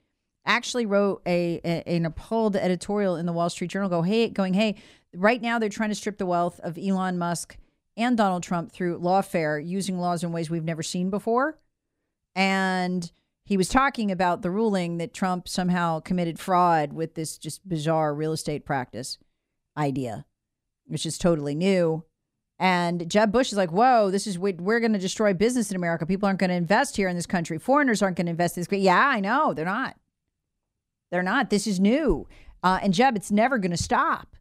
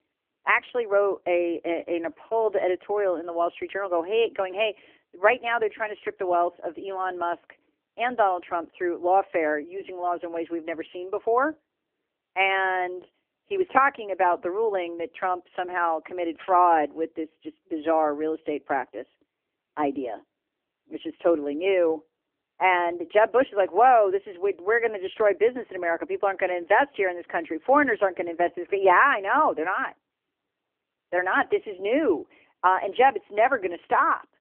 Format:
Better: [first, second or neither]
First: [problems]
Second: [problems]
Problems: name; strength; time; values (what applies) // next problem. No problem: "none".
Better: first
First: none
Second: phone-call audio; poor line; nothing above 3 kHz